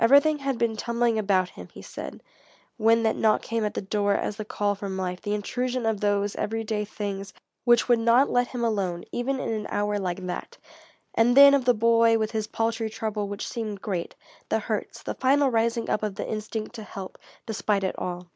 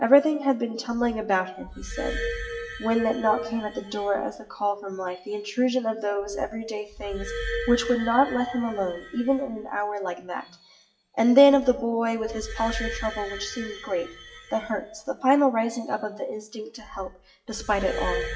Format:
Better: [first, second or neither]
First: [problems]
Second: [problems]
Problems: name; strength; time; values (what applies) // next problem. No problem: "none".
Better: first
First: none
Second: noise reduction (classical method WPE with log-MMSE)